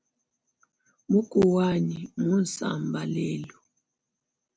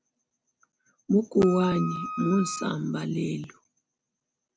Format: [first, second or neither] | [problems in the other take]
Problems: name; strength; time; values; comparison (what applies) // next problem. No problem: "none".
first | background sound (Wind instrument, woodwind instrument); 9 dB below the speech